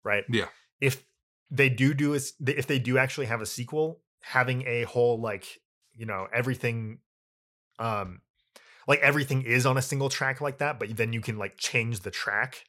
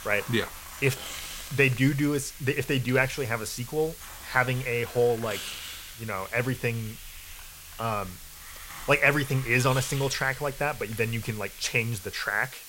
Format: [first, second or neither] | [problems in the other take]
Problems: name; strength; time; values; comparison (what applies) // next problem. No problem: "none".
first | hiss; noticeable; throughout; 15 dB below the speech